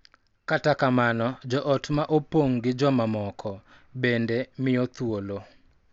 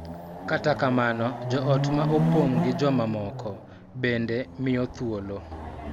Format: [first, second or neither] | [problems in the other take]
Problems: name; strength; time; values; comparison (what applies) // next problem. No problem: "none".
first | background sound (Chatter / Car passing by / Motorcycle / Traffic noise, roadway noise / Accelerating, revving, vroom); 3 dB below the speech